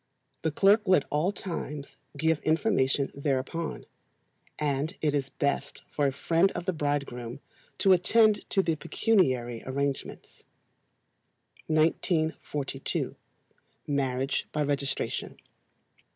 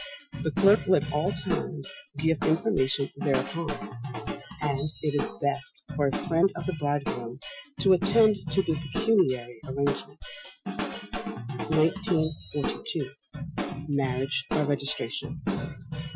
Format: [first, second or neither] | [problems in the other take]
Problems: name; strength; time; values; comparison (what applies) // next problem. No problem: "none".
first | noise reduction (classical method Wiener filter)